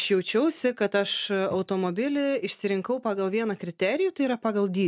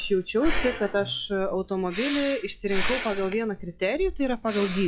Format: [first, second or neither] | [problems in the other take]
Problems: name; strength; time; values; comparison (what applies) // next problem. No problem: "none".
first | noise reduction (classical method log-MMSE)